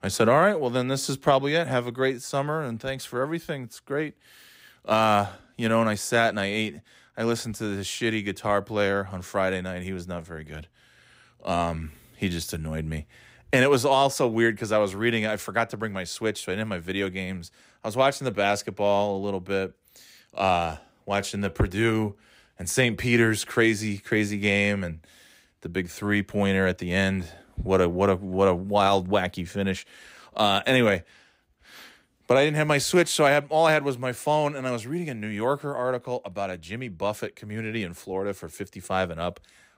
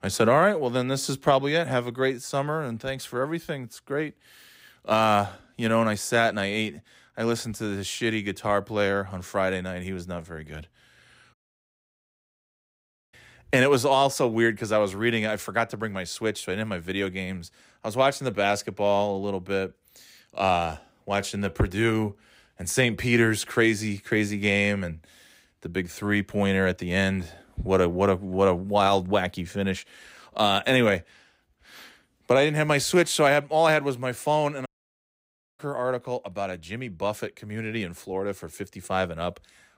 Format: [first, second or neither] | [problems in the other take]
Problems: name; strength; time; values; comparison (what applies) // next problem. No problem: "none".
first | audio cutting out; at 11 s for 2 s and at 35 s for 1 s